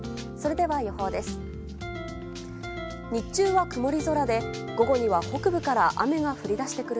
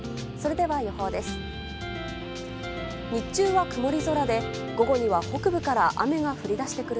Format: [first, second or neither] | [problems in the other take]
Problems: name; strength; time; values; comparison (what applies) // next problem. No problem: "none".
first | background sound (Bowed string instrument + Guitar); 13 dB below the speech